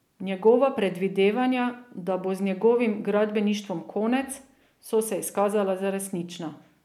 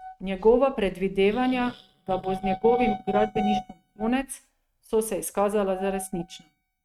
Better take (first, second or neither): first